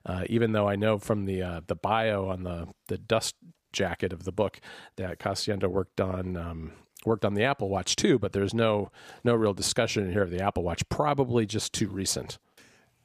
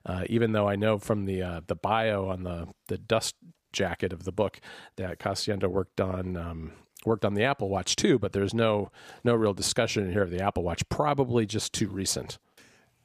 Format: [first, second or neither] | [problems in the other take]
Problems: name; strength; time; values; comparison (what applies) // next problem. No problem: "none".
neither | none